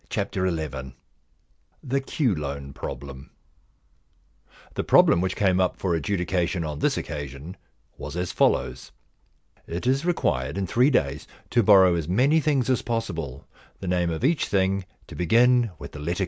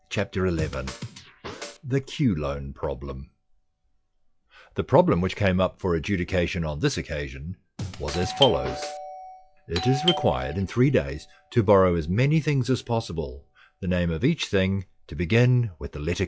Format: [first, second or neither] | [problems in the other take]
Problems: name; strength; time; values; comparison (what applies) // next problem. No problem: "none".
first | noise reduction (classical method log-MMSE)